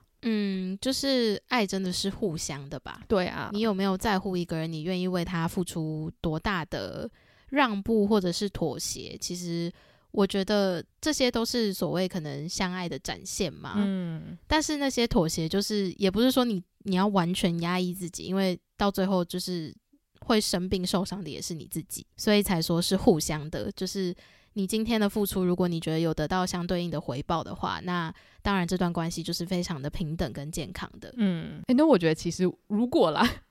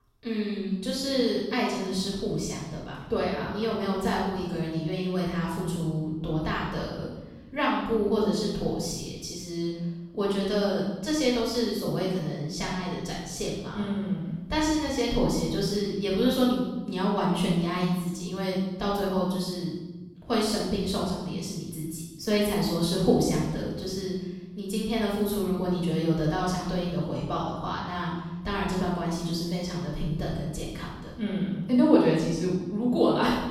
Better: first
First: none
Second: off-mic speech; far // room echo; strong; dies away in 1.1 s

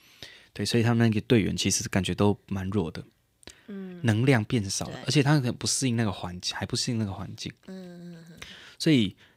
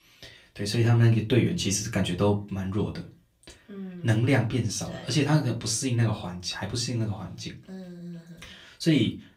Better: first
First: none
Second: off-mic speech; far // room echo; very slight; dies away in 0.2 s

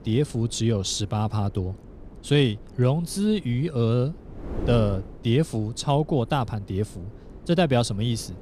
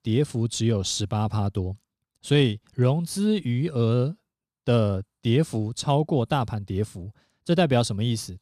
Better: second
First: wind noise on the microphone; occasional gusts; 20 dB below the speech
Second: none

